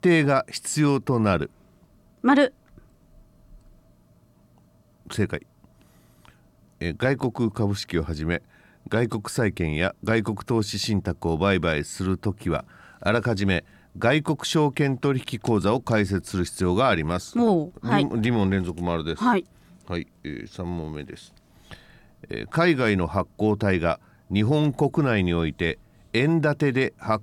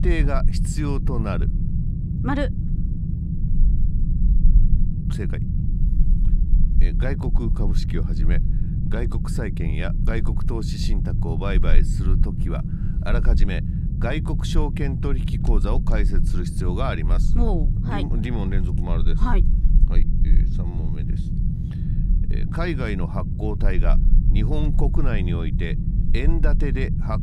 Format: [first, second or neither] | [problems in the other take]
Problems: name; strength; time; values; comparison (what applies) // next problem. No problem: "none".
first | low rumble; loud; throughout; 6 dB below the speech